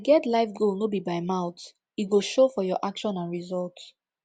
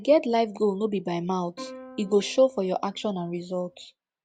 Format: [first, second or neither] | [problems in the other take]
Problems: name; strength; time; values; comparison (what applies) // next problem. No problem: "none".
first | background sound (Plucked string instrument); 20 dB below the speech